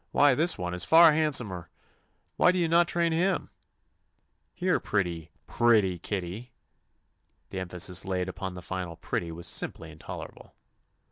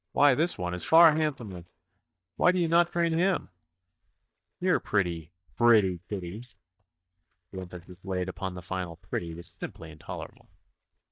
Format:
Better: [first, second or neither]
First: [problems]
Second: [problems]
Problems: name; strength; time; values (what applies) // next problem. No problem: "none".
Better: first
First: none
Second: noise reduction (neural mask model DeepFilterNet 3)